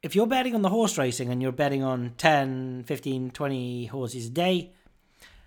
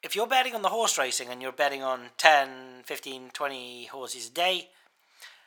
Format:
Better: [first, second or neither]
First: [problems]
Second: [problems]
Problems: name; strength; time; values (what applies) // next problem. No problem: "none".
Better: first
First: none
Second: thin; very; fading below 850 Hz